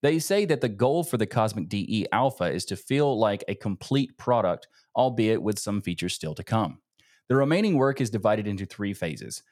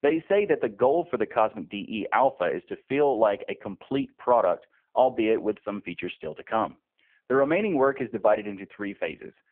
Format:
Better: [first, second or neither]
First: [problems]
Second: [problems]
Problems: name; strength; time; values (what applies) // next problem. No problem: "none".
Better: first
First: none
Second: phone-call audio; poor line